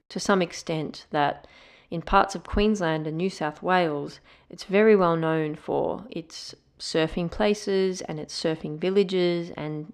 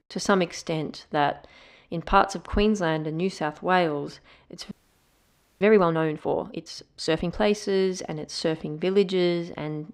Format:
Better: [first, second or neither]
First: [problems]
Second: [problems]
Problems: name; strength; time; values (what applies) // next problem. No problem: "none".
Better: first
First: none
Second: audio freezing; at 4.5 s for 1 s